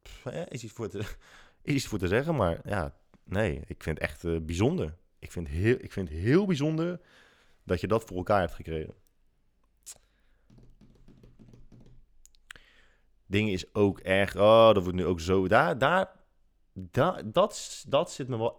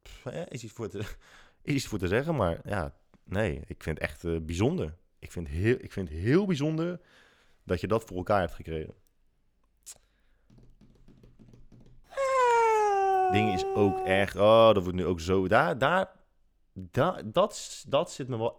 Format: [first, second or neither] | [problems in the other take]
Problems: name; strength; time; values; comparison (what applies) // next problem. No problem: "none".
first | dog barking; loud; from 12 to 14 s; peak 6 dB above the speech